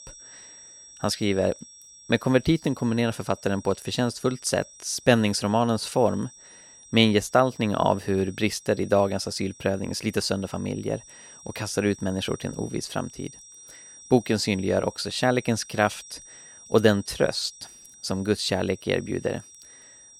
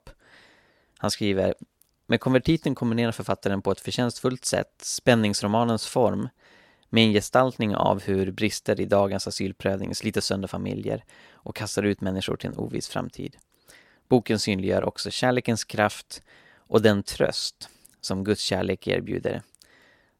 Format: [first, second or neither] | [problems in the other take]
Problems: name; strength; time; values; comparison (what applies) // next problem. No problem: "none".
second | high-pitched whine; faint; throughout; 5.5 kHz, 20 dB below the speech